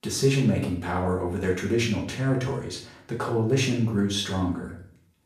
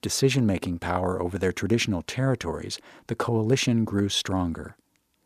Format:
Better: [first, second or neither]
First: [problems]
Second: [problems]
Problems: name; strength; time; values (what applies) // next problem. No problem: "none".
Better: second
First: room echo; slight; dies away in 0.5 s // off-mic speech; far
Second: none